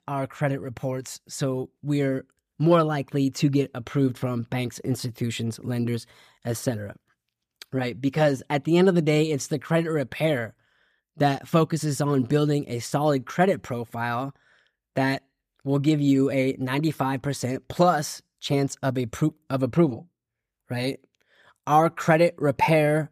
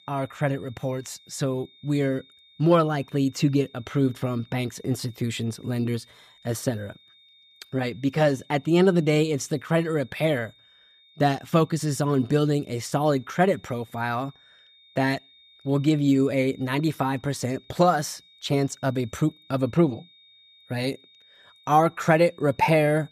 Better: first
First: none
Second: high-pitched whine; faint; throughout; 3.5 kHz, 30 dB below the speech

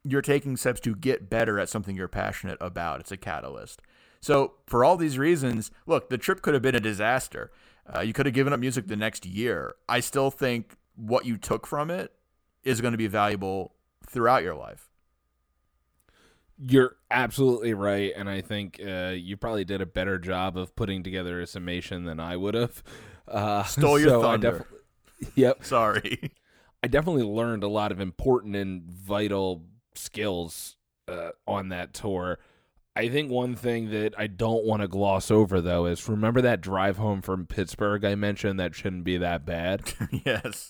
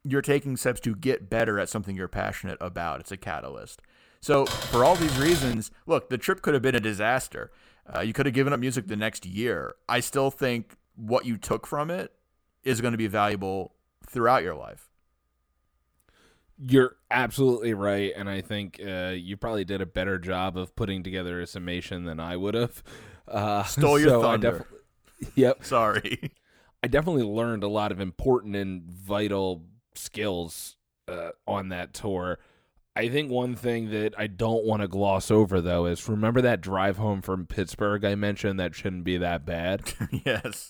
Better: first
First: none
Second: keyboard typing; noticeable; from 4.5 to 5.5 s; peak 1 dB below the speech

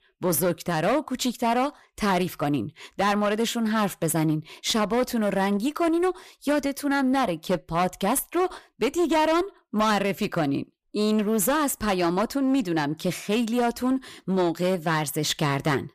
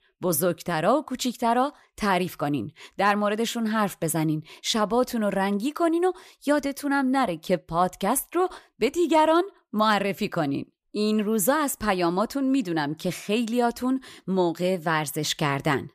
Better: second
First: distortion; slight; 11% of the sound clipped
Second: none

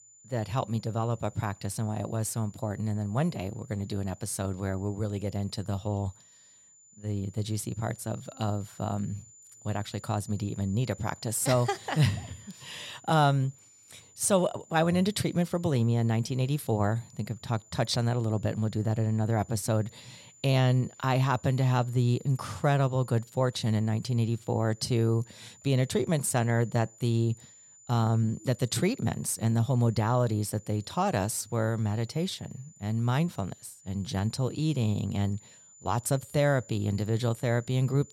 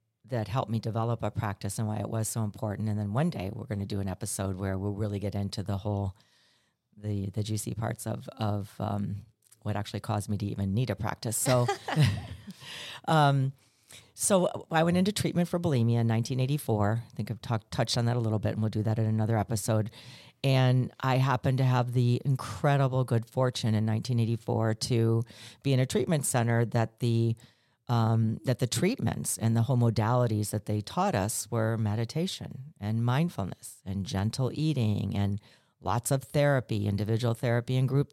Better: second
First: high-pitched whine; faint; throughout; 7 kHz, 25 dB below the speech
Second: none

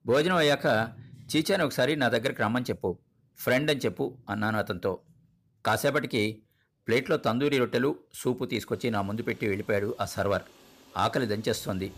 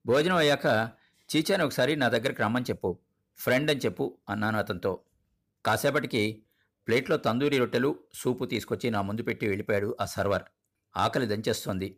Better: second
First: rain or running water; faint; throughout; 25 dB below the speech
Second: none

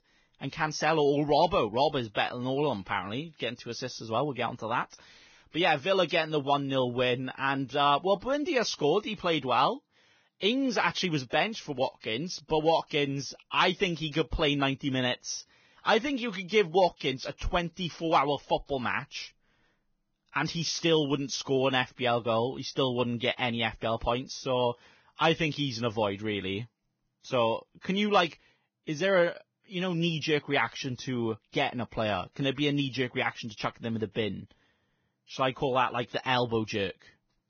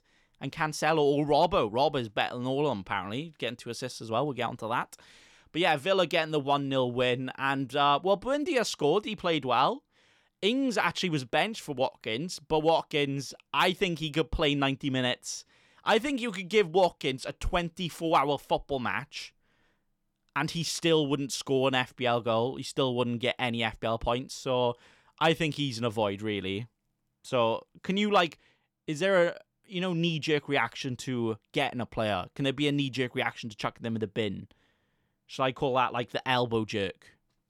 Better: second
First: garbled, watery; badly; nothing above 6.5 kHz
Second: none

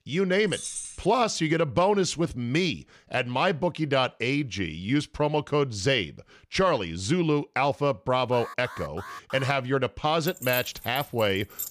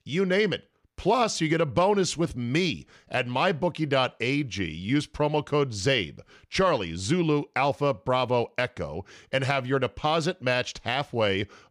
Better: second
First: jangling keys; noticeable; at 0.5 s and from 10 s on; peak 7 dB below the speech // alarm; faint; from 8.5 to 9.5 s; peak 15 dB below the speech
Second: none

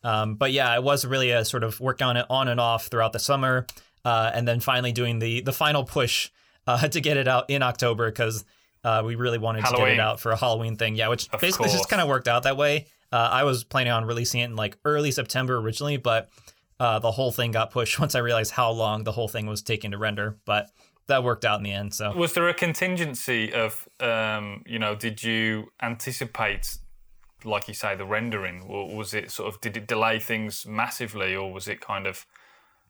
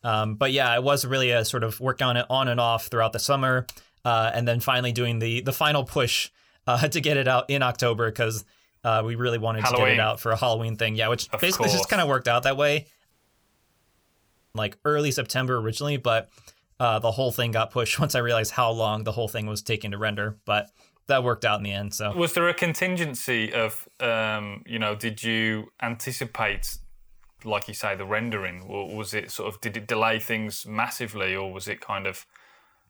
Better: first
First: none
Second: audio cutting out; at 13 s for 1.5 s

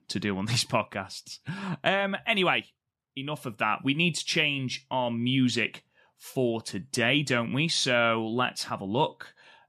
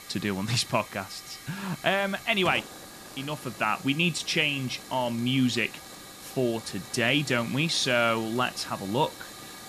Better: first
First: none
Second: hiss; noticeable; throughout; 15 dB below the speech

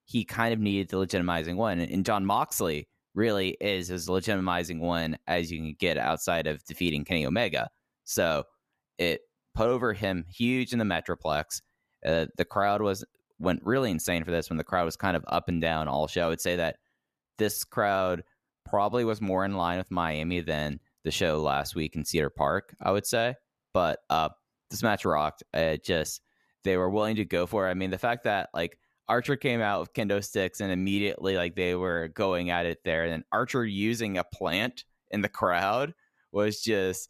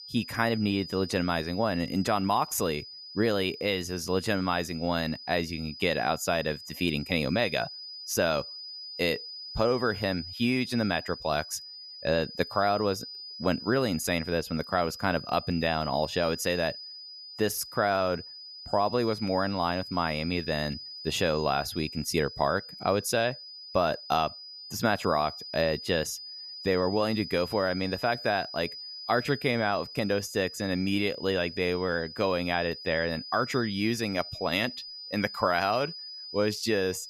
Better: first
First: none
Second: high-pitched whine; noticeable; throughout; 5 kHz, 10 dB below the speech

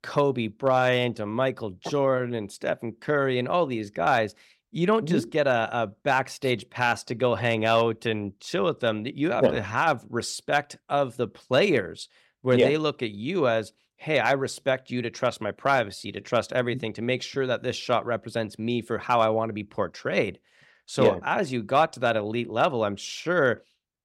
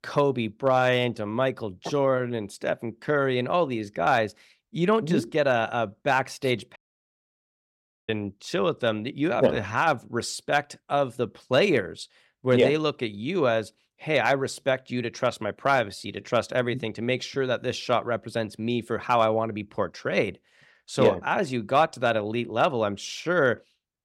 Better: first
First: none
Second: audio cutting out; at 7 s for 1.5 s

